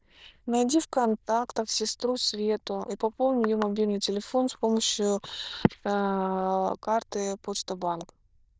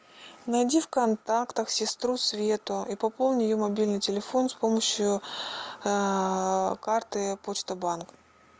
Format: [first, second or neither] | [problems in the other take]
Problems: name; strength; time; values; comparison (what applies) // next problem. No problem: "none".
second | noise reduction (neural diffusion model UNIVERSE++)